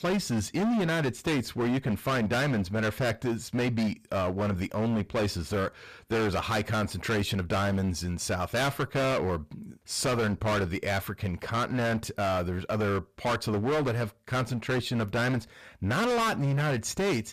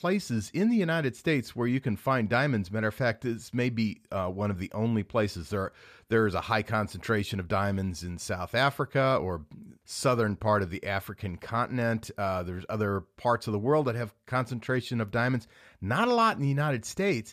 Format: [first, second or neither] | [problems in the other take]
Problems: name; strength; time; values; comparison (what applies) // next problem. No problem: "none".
second | distortion; heavy; 22% of the sound clipped